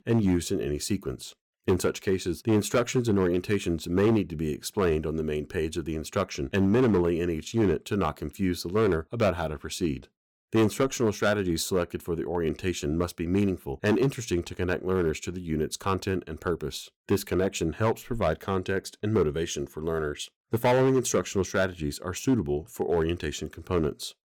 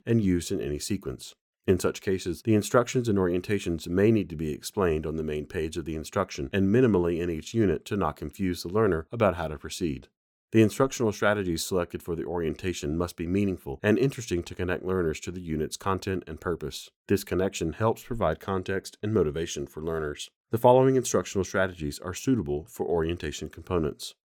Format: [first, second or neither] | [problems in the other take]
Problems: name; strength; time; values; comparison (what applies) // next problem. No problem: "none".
second | distortion; slight; 4% of the sound clipped